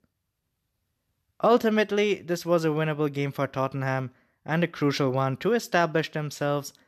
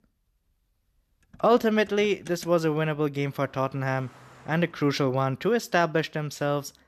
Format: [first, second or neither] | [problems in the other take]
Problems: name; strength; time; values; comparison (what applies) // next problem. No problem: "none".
first | traffic noise; faint; throughout; 25 dB below the speech